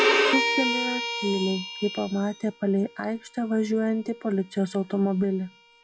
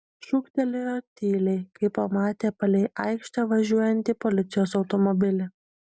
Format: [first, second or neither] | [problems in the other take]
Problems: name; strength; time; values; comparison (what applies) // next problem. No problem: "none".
second | noise reduction (classical method log-MMSE)